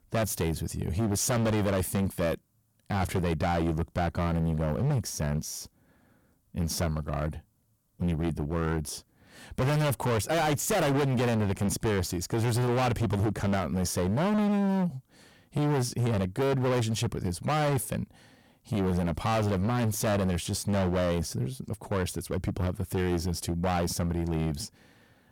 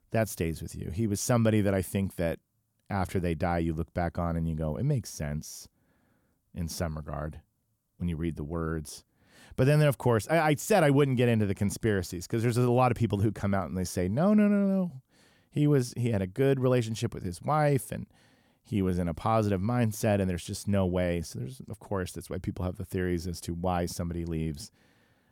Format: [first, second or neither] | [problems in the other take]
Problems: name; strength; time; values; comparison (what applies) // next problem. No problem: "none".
second | distortion; heavy; 22% of the sound clipped